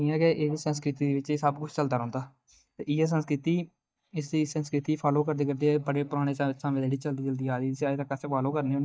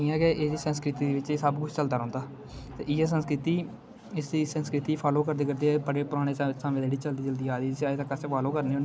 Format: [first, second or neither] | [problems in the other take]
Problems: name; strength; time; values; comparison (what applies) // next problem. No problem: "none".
second | noise reduction (neural mask model DeepFilterNet 3)